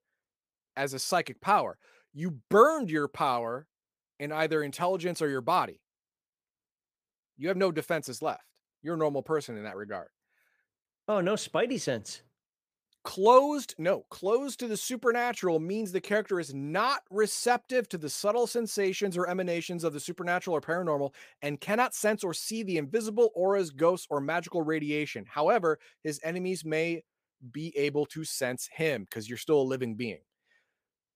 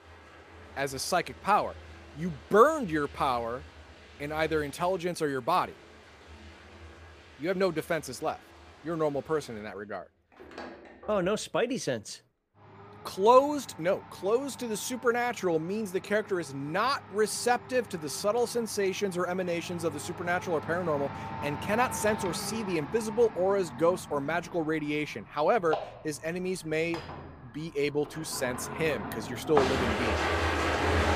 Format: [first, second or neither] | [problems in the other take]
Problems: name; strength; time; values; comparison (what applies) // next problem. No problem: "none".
first | household noises; loud; throughout; 8 dB below the speech